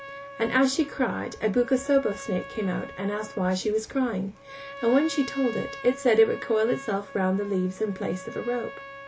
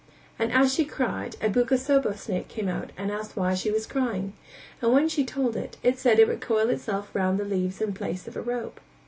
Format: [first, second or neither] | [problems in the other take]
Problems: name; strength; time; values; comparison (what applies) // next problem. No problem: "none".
second | background sound (Trumpet); 15 dB below the speech